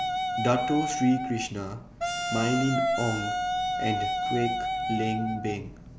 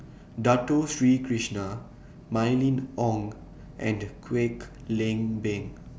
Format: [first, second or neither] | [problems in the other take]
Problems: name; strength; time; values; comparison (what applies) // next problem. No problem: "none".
second | background sound (Wind instrument, woodwind instrument); 1 dB below the speech